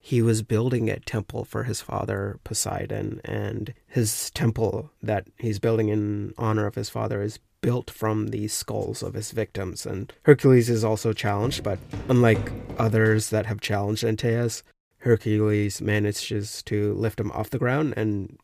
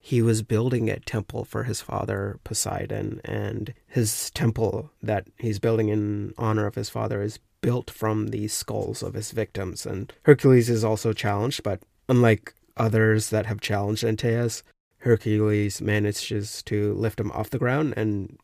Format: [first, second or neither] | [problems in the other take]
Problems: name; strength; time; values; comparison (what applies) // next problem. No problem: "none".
second | footsteps; noticeable; from 11 to 13 s; peak 7 dB below the speech